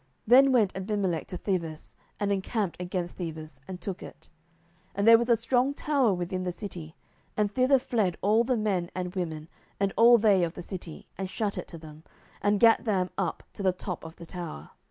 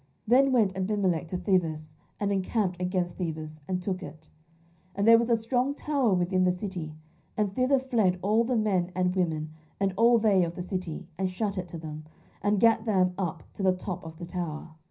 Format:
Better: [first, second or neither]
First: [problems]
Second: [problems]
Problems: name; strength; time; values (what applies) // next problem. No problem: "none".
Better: first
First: none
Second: room echo; dies away in 0.4 s